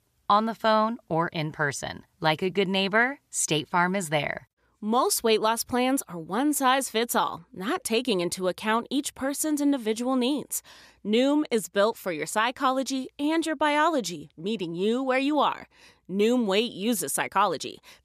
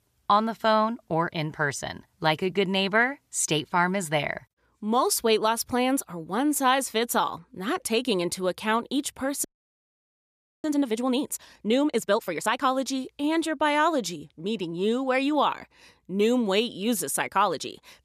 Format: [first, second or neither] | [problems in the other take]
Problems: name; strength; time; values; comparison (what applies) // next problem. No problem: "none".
first | audio freezing; at 9.5 s for 1 s